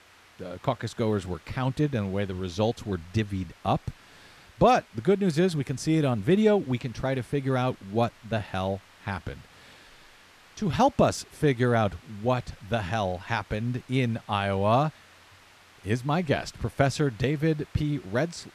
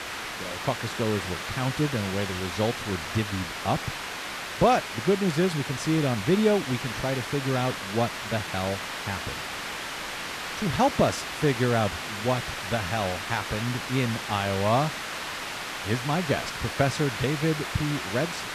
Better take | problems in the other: first | hiss; loud; throughout; 5 dB below the speech; faint in the first

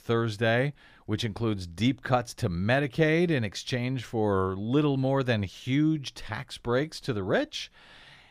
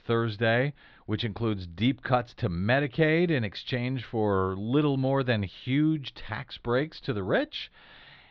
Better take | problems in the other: first | muffled; very slightly; fading above 4 kHz

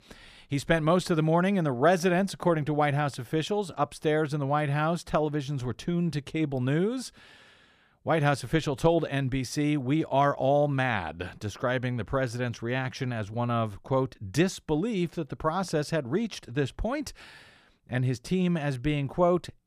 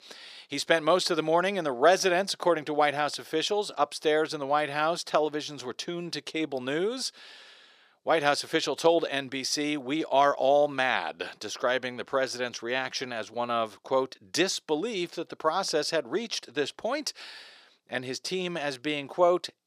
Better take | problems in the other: first | thin; somewhat; fading below 450 Hz

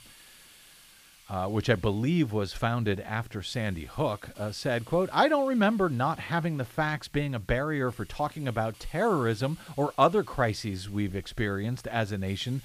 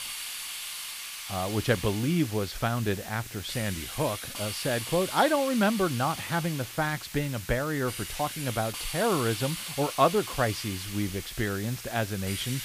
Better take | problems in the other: first | hiss; loud; throughout; 7 dB below the speech; faint in the first

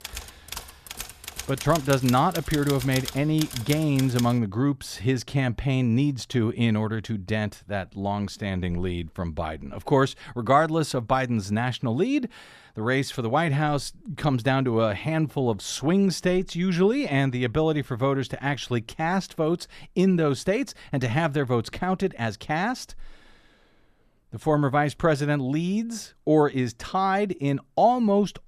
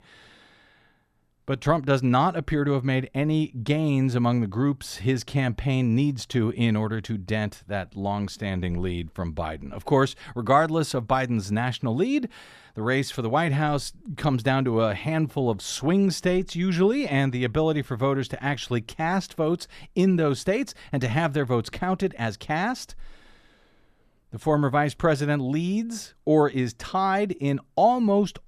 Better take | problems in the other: second | keyboard typing; noticeable; until 4.5 s; peak 7 dB below the speech

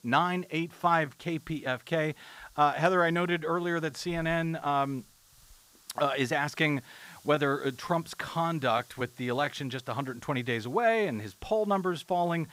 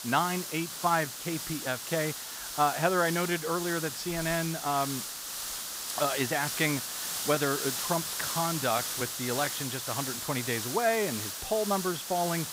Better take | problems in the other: first | hiss; loud; throughout; 3 dB below the speech; faint in the first

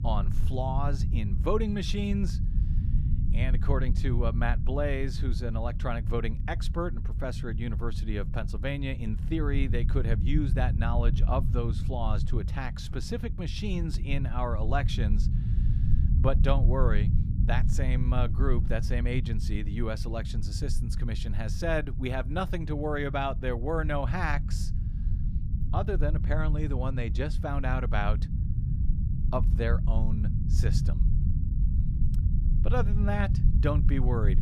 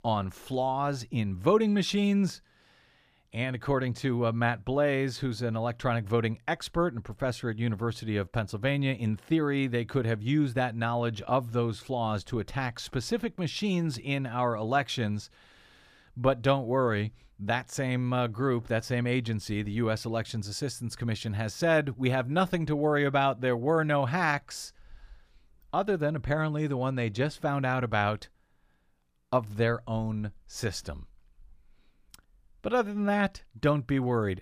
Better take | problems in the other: second | low rumble; noticeable; throughout; 10 dB below the speech

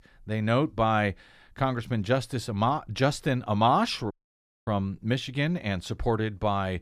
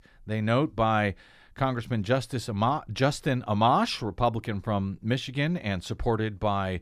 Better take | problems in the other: second | audio cutting out; at 4 s for 0.5 s

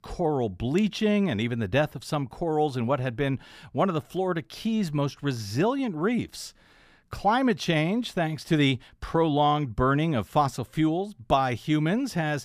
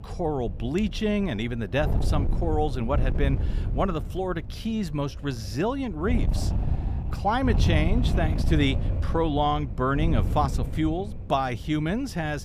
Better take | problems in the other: first | wind noise on the microphone; occasional gusts; 10 dB below the speech

